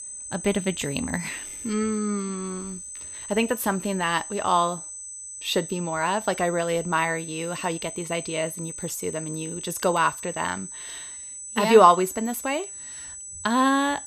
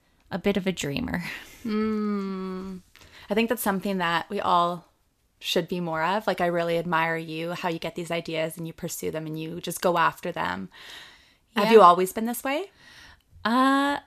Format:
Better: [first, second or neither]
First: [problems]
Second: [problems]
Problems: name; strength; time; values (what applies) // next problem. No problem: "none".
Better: second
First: high-pitched whine; loud; throughout; 8 kHz, 10 dB below the speech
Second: none